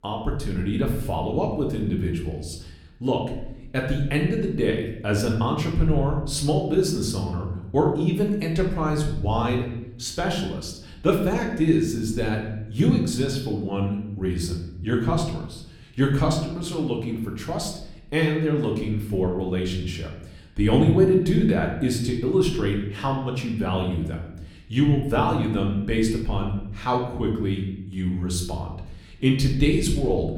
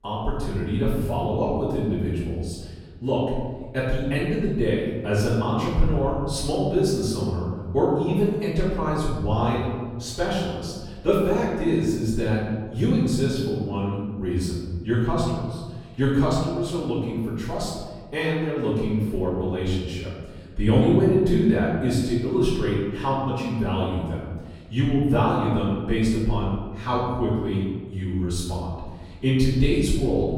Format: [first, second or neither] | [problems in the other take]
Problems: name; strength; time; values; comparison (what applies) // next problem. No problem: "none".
first | room echo; strong; dies away in 1.5 s; slight in the first // off-mic speech; far; somewhat distant in the first